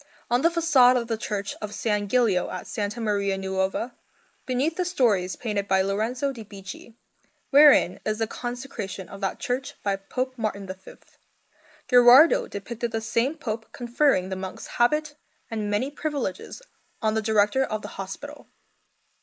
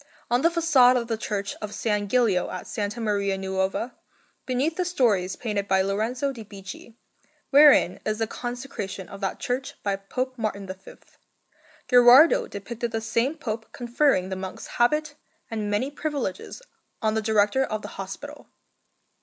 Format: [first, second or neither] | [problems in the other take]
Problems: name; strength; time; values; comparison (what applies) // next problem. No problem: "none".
second | noise reduction (neural mask model Resemble Enhance denoiser)